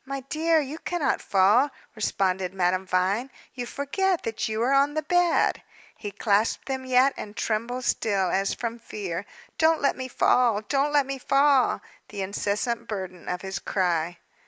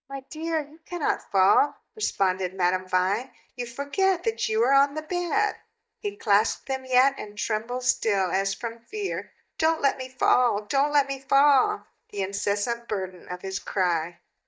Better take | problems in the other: first | noise reduction (neural mask model DeepFilterNet 3)

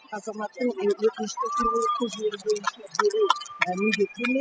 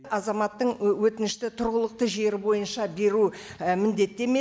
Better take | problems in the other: second | noise reduction (classical method spectral subtraction)

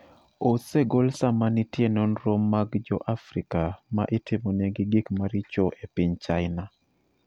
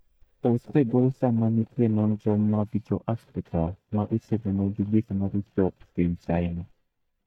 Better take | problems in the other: first | noise reduction (neural mask model DeepFilterNet 3)

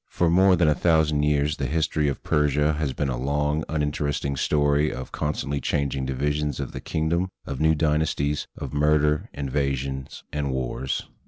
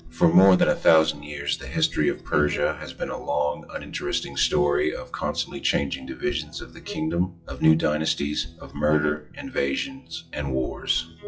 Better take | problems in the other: first | noise reduction (classical method WPE with log-MMSE)

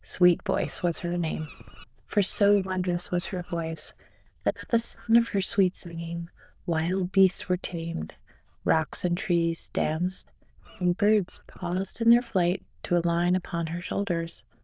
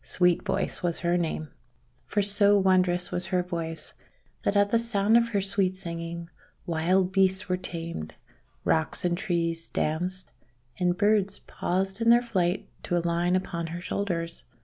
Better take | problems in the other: second | noise reduction (neural diffusion model UNIVERSE++)

